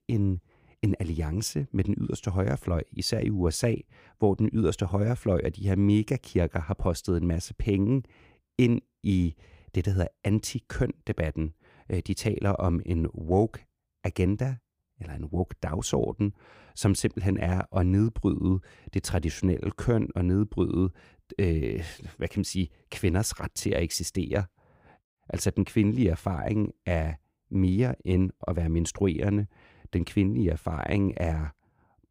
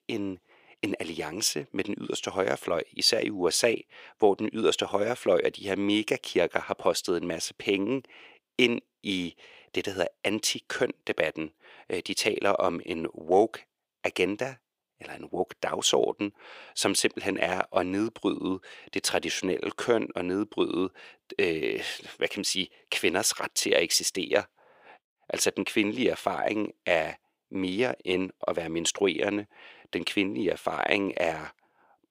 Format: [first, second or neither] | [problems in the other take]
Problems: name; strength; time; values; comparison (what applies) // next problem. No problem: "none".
first | thin; very; fading below 500 Hz